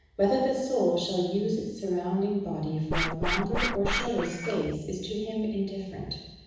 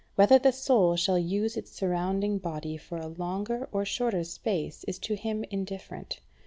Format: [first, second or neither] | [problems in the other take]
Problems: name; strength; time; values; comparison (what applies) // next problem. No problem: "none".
second | background sound (Scratching (performance technique)); 1 dB below the speech // room echo; dies away in 1.1 s